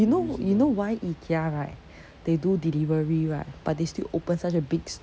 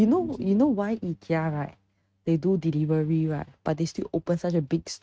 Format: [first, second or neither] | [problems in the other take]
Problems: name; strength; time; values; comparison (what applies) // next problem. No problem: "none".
first | noise reduction (neural mask model RNNoise)